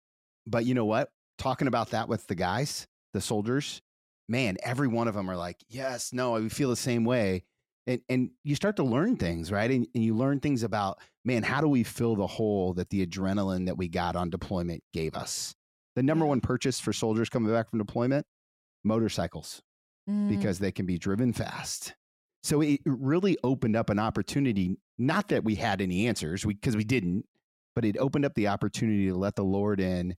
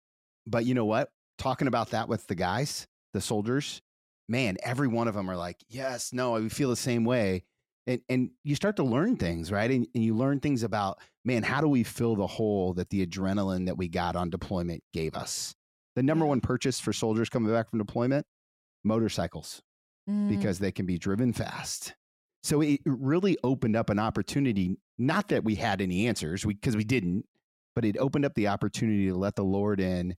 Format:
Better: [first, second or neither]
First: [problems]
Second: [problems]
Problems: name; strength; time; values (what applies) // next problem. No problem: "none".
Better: neither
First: none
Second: none